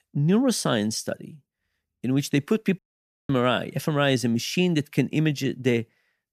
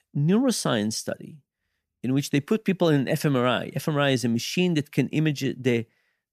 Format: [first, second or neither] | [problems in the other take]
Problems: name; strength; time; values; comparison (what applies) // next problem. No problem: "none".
second | audio cutting out; at 3 s for 0.5 s